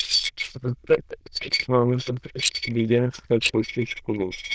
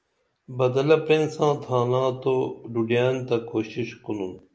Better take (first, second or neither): second